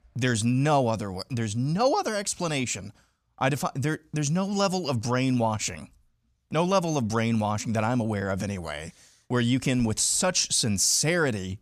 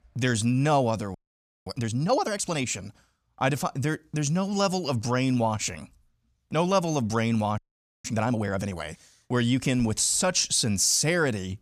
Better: first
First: none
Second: audio freezing; at 1 s for 0.5 s and at 7.5 s

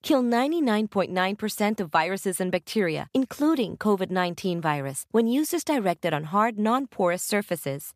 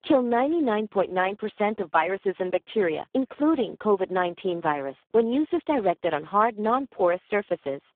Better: first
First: none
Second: phone-call audio; poor line

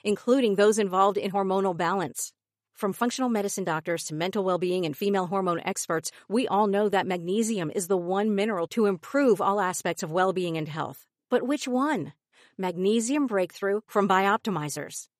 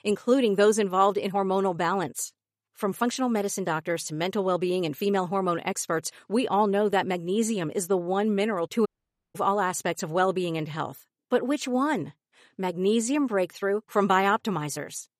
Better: first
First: none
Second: audio cutting out; at 9 s

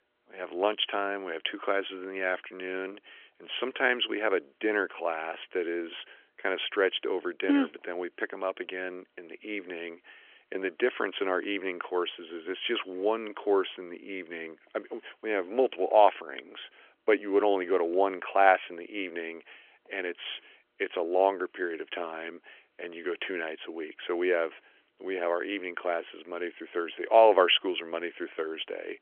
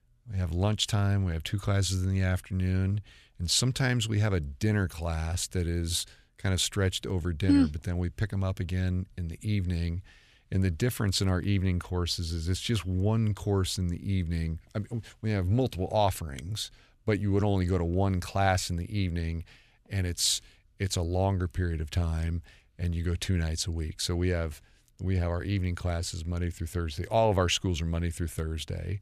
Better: second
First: phone-call audio; nothing above 3.5 kHz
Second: none

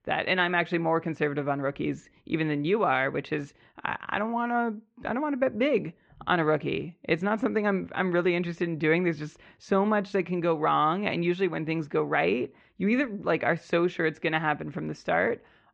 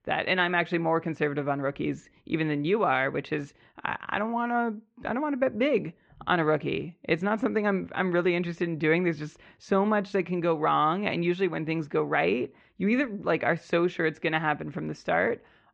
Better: neither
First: muffled; very; fading above 3 kHz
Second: muffled; very; fading above 3 kHz

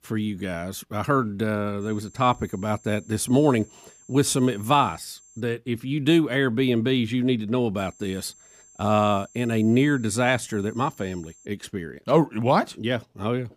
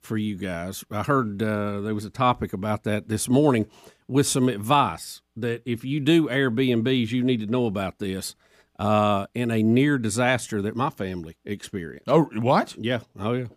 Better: second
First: high-pitched whine; faint; from 2 to 5.5 s and from 8 to 11 s; 7.5 kHz, 25 dB below the speech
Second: none

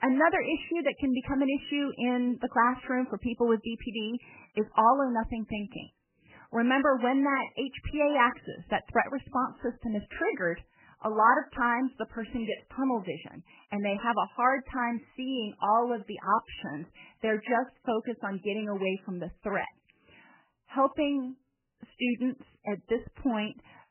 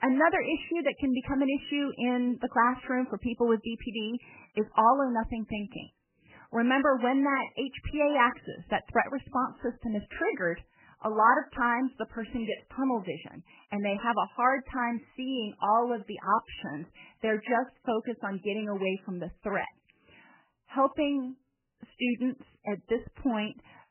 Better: neither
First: garbled, watery; badly; nothing above 3 kHz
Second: garbled, watery; badly; nothing above 3 kHz

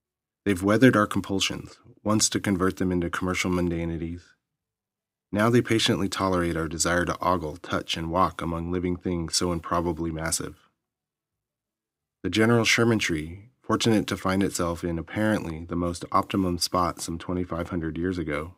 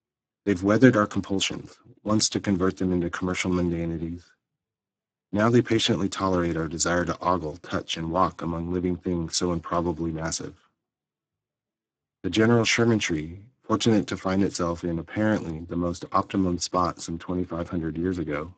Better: first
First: none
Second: garbled, watery; badly; nothing above 7.5 kHz

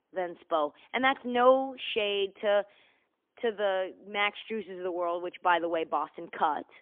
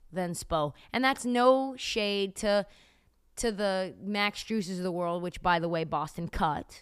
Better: second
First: phone-call audio; poor line; nothing above 3.5 kHz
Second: none

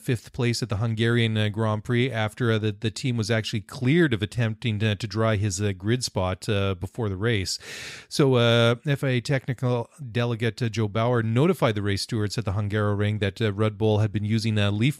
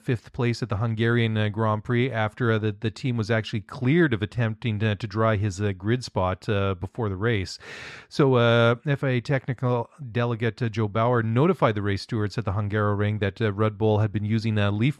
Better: first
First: none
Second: muffled; slightly; fading above 2.5 kHz

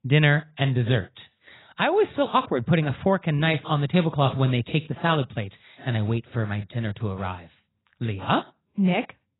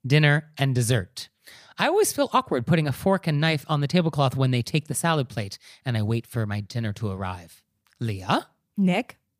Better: second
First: garbled, watery; badly; nothing above 4 kHz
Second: none

